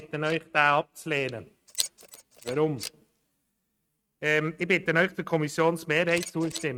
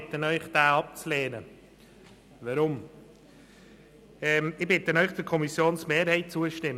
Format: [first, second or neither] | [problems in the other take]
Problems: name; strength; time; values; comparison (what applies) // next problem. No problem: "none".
second | noise reduction (neural mask model RNNoise)